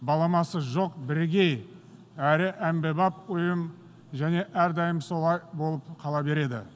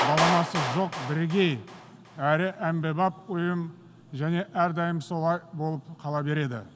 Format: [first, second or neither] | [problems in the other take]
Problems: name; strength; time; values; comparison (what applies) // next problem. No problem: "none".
first | background sound (Clapping); 7 dB below the speech